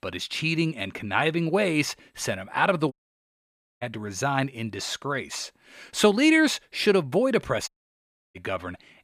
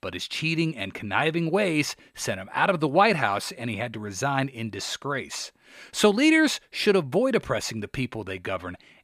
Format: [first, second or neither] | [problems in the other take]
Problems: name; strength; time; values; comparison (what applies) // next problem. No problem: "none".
second | audio cutting out; at 3 s for 1 s and at 7.5 s for 0.5 s